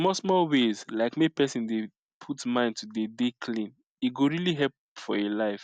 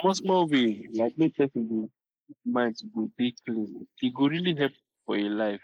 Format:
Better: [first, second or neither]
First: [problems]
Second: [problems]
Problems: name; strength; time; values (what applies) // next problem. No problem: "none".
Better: first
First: none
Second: noise reduction (neural mask model Resemble Enhance denoiser)